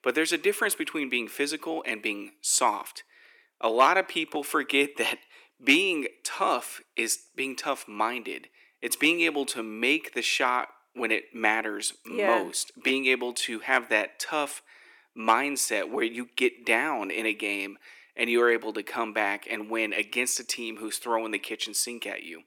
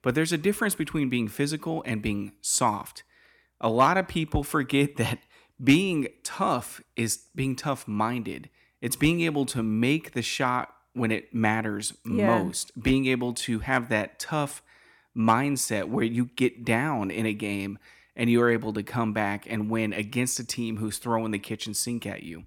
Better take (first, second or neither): second